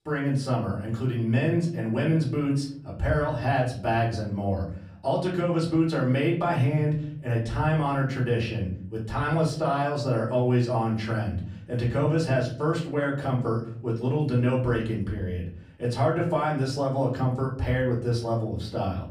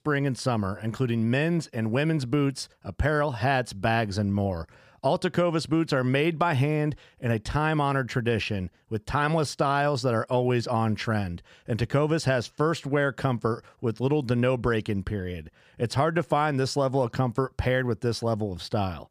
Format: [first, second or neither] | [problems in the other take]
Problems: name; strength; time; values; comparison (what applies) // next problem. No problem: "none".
second | off-mic speech; far // room echo; slight; dies away in 0.7 s